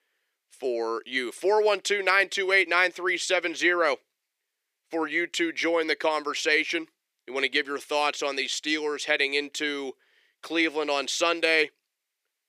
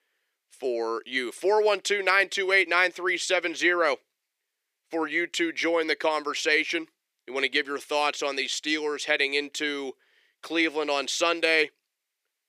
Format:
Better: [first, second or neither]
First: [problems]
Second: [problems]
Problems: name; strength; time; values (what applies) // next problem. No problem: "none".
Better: neither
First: thin; somewhat; fading below 350 Hz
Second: thin; somewhat; fading below 350 Hz